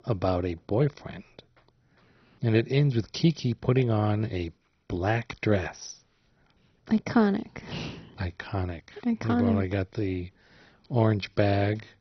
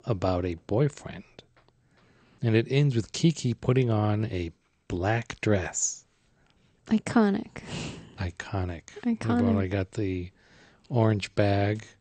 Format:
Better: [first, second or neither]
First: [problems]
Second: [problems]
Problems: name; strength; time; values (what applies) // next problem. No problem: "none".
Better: second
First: garbled, watery; badly; nothing above 6 kHz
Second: garbled, watery; slightly; nothing above 7.5 kHz